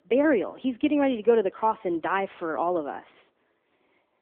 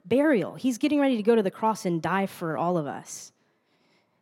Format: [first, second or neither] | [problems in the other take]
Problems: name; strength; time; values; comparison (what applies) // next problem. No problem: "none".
second | phone-call audio; nothing above 3.5 kHz